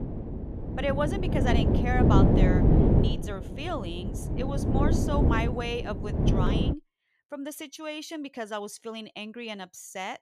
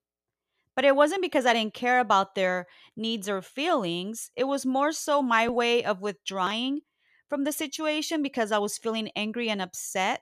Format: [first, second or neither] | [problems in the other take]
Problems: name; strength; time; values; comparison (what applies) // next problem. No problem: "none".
second | wind noise on the microphone; heavy; until 6.5 s; 2 dB above the speech